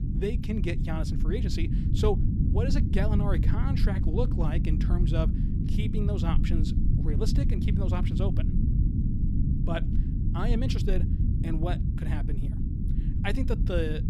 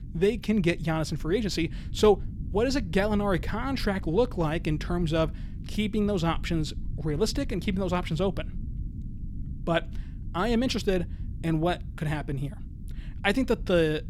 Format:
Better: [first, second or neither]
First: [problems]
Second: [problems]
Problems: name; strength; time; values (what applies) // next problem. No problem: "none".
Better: second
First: low rumble; loud; throughout; 4 dB below the speech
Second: low rumble; faint; throughout; 20 dB below the speech